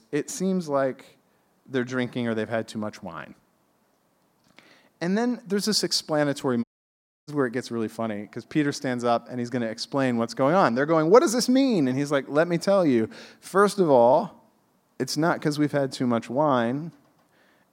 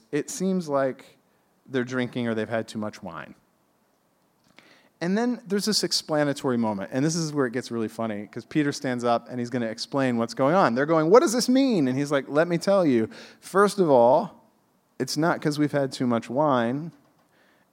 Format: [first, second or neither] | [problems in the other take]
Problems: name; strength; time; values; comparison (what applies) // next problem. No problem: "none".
second | audio cutting out; at 6.5 s for 0.5 s